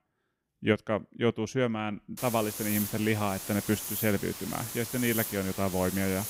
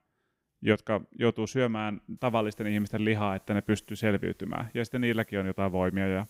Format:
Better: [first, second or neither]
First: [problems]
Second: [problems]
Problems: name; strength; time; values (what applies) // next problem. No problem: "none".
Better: second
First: hiss; loud; from 2 s on; 5 dB below the speech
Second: hiss; faint; from 2 s on; 30 dB below the speech